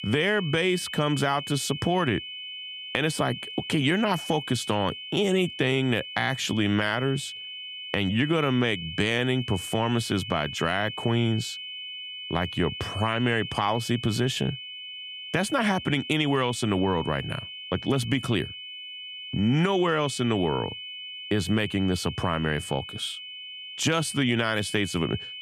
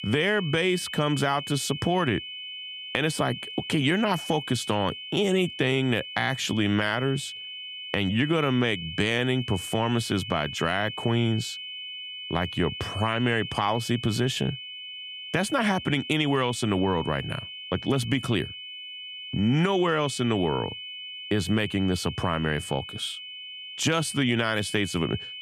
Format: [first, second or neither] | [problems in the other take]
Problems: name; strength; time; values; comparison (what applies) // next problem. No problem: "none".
neither | high-pitched whine; loud; throughout; 3 kHz, 9 dB below the speech; the same in both